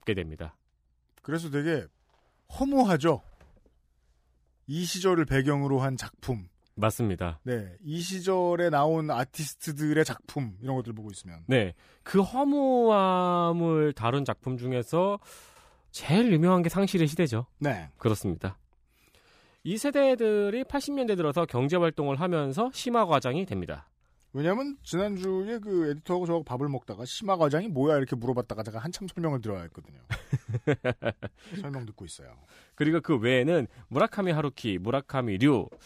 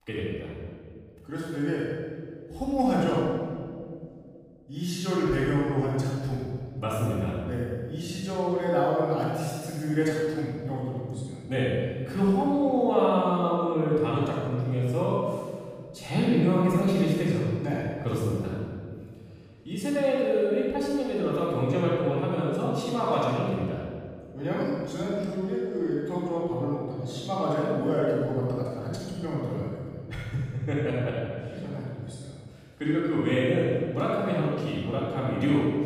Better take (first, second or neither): first